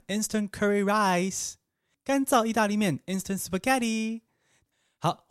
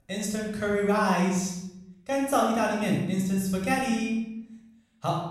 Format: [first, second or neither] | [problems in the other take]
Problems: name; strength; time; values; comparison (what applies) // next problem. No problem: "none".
first | off-mic speech; far // room echo; noticeable; dies away in 0.9 s